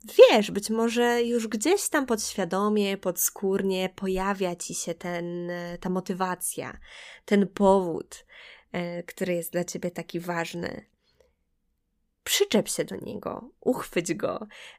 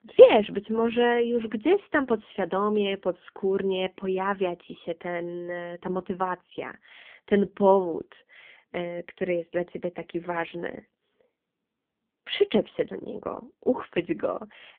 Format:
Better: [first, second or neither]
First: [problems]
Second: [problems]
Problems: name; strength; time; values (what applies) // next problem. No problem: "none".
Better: first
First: none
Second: phone-call audio; poor line; nothing above 3.5 kHz